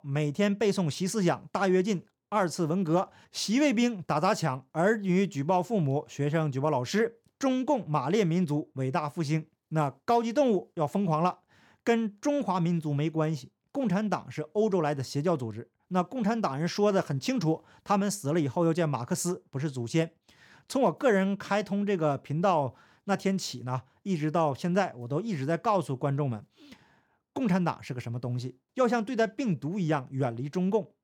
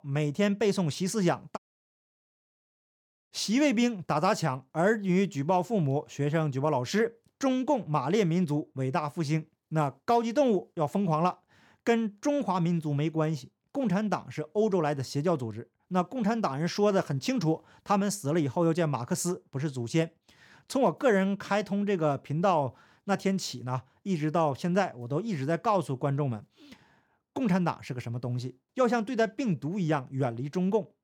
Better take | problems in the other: first | audio cutting out; at 1.5 s for 1.5 s

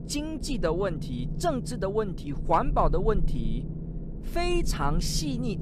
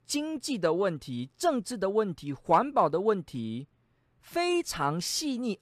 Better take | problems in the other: second | low rumble; noticeable; throughout; 15 dB below the speech

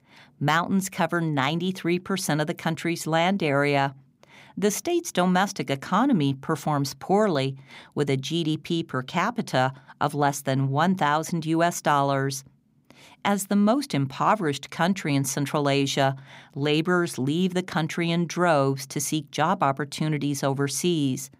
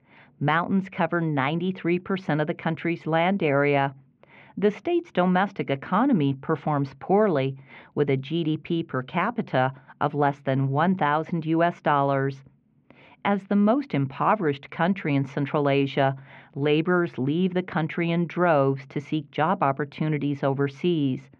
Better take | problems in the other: first | muffled; very; fading above 2.5 kHz

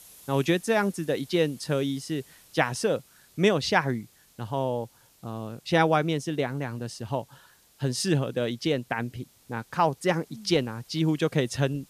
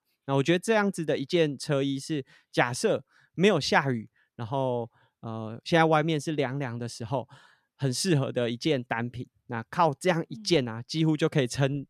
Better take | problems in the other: second | hiss; faint; throughout; 25 dB below the speech

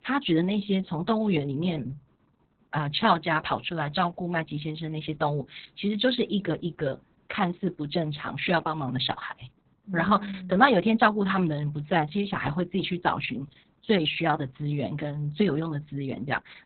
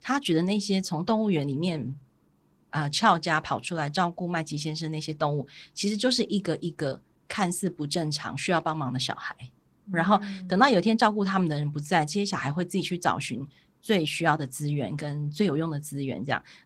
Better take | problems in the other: second | garbled, watery; badly; nothing above 4 kHz; slightly in the second

